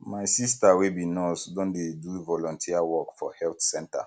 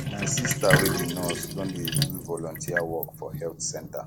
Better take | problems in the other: first | background sound (Sink (filling or washing)); 2 dB above the speech

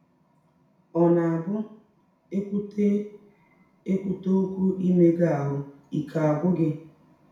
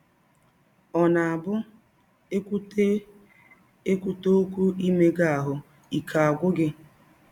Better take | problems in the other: second | room echo; dies away in 0.6 s

